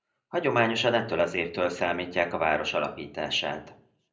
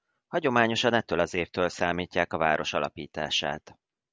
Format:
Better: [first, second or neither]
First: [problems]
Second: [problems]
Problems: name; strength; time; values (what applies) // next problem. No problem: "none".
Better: second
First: room echo; dies away in 0.5 s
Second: none